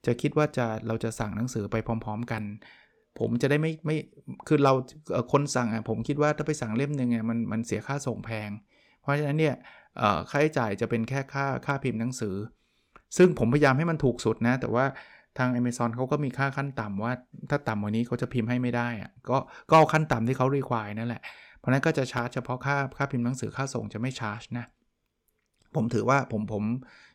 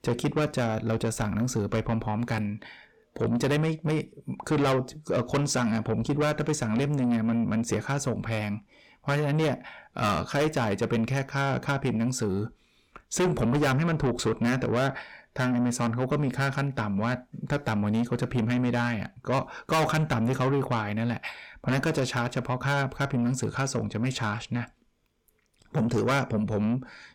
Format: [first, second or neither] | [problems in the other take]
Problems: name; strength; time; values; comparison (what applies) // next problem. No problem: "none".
first | distortion; heavy; 6 dB below the speech